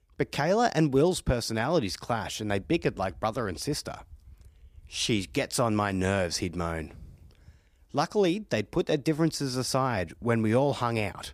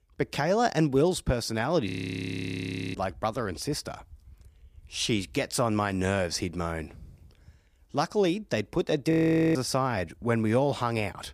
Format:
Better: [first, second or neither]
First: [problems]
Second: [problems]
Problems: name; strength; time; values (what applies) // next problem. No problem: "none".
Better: first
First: none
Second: audio freezing; at 2 s for 1 s and at 9 s